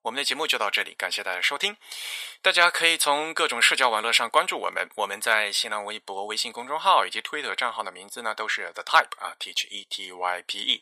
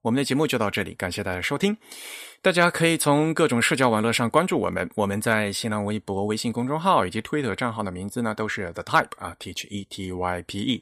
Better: second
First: thin; very; fading below 800 Hz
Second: none

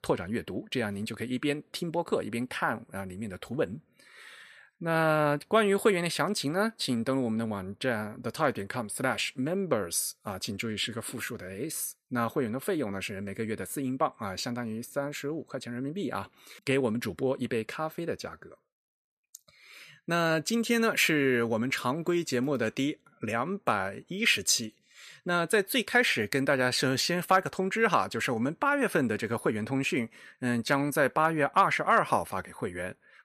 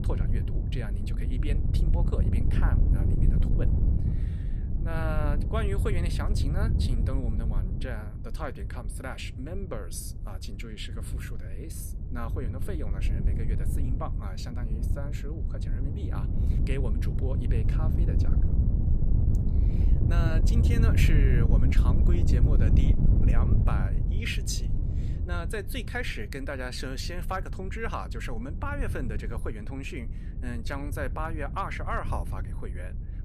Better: first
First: none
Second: wind noise on the microphone; heavy; 5 dB below the speech

